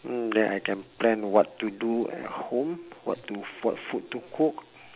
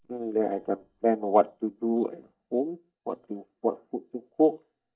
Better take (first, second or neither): first